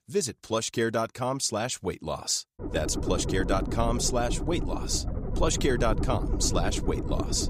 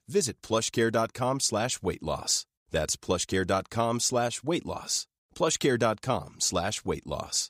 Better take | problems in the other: second | low rumble; loud; from 2.5 s on; 9 dB below the speech

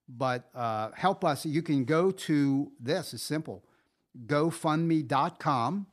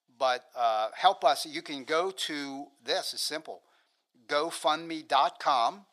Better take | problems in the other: first | thin; very; fading below 650 Hz

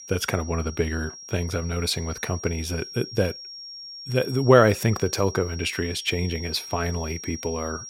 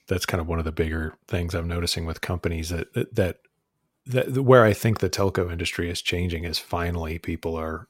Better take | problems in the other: second | high-pitched whine; noticeable; throughout; 5.5 kHz, 10 dB below the speech

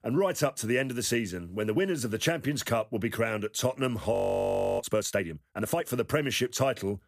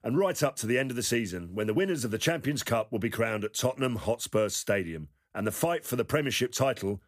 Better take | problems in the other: second | audio freezing; at 4 s for 0.5 s

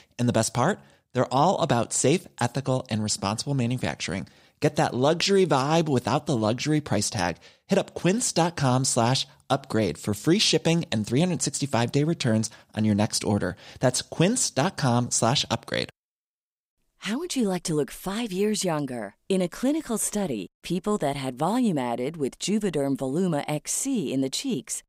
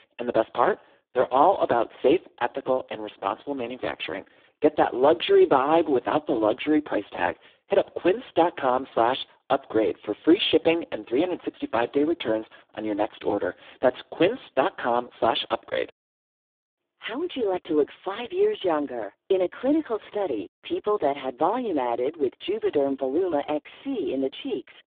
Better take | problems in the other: first | phone-call audio; poor line

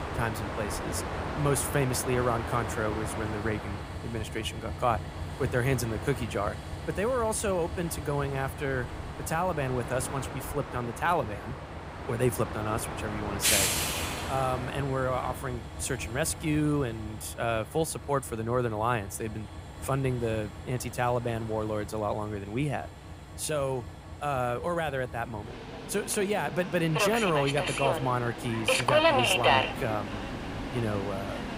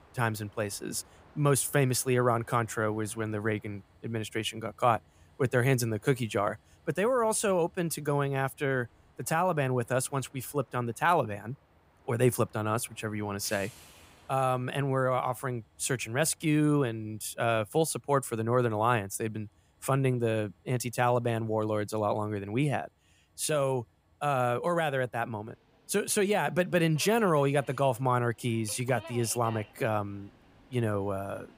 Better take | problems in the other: second | train or aircraft noise; loud; throughout; 2 dB below the speech; faint in the second

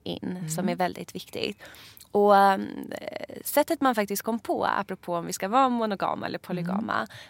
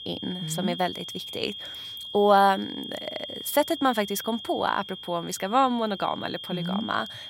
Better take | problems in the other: first | high-pitched whine; noticeable; throughout; 3.5 kHz, 10 dB below the speech

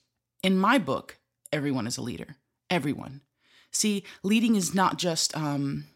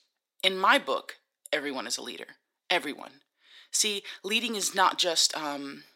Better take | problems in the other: first | thin; somewhat; fading below 400 Hz

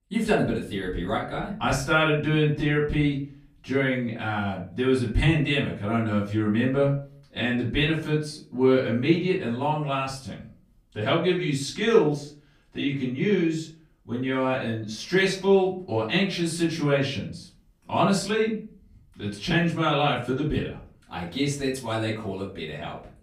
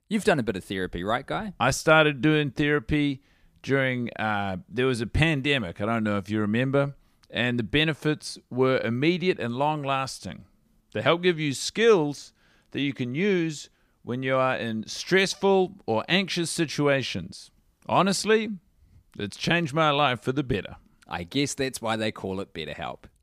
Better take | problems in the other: second | off-mic speech; far // room echo; slight; dies away in 0.4 s

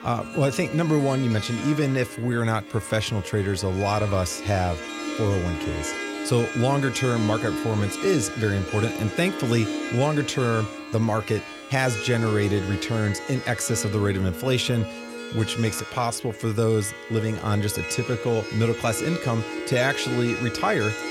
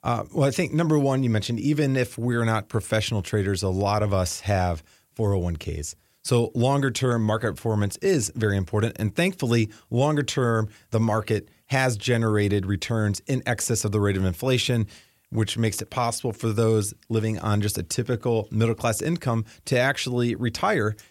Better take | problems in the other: second | background music; loud; throughout; 8 dB below the speech

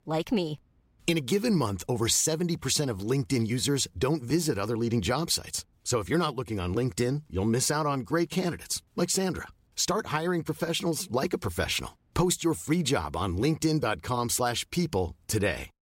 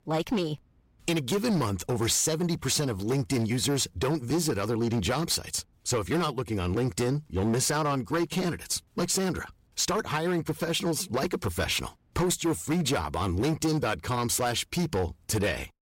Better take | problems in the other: first | distortion; slight; 11% of the sound clipped

